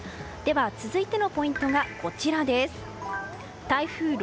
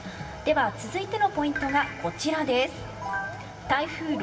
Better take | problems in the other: first | room echo; dies away in 1.8 s

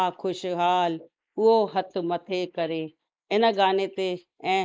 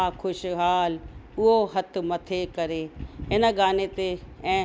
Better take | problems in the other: second | noise reduction (neural mask model Resemble Enhance denoiser)

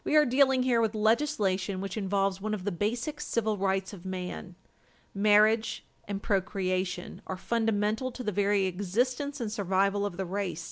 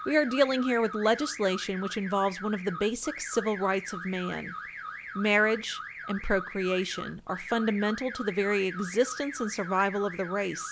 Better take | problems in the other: first | background sound (Alarm / Car); 11 dB below the speech

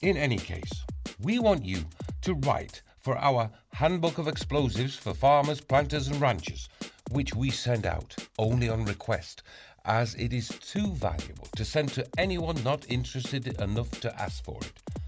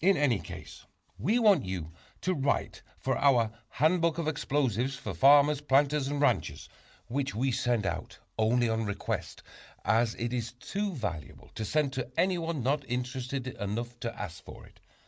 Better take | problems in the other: second | background sound (Drum kit); 10 dB below the speech

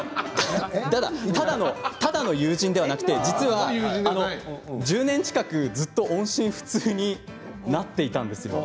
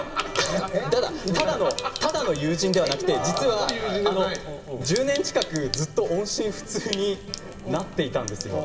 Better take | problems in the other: first | background sound (Sink (filling or washing)); 12 dB below the speech // room echo; dies away in 2.6 s

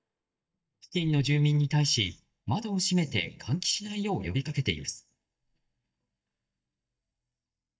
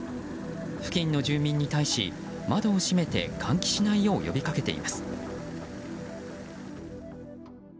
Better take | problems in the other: second | noise reduction (neural mask model DeepFilterNet 3)

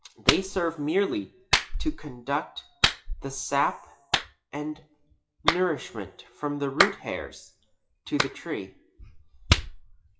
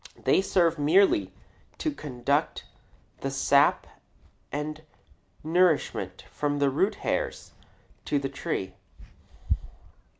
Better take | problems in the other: second | noise reduction (classical method WPE with log-MMSE)

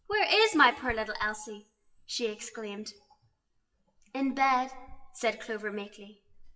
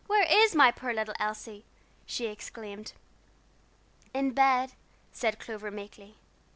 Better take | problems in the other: second | noise reduction (classical method WPE with log-MMSE)

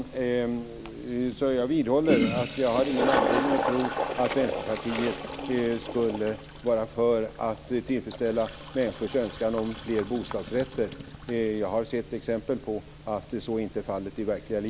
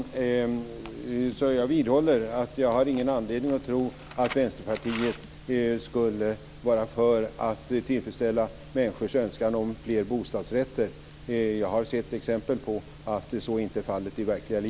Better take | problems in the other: second | background sound (Toilet flush); 6 dB below the speech

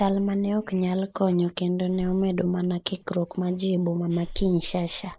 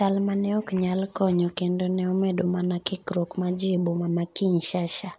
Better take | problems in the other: second | noise reduction (neural mask model Resemble Enhance denoiser)

